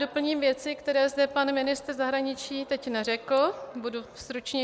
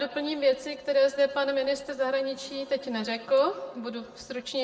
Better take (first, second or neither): first